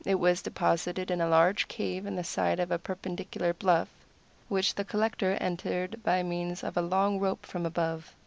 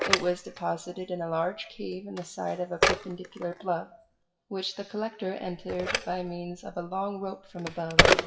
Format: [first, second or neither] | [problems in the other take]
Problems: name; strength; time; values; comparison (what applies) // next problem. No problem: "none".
first | noise reduction (classical method WPE with log-MMSE)